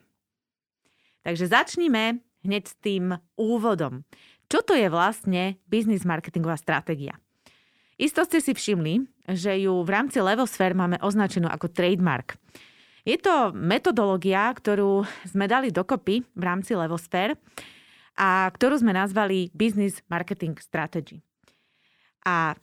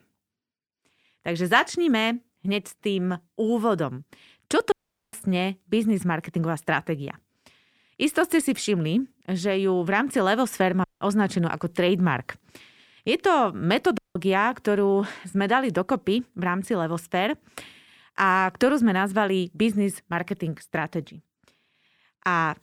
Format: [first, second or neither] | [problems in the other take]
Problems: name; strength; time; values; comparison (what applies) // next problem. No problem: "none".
first | audio cutting out; at 4.5 s, at 11 s and at 14 s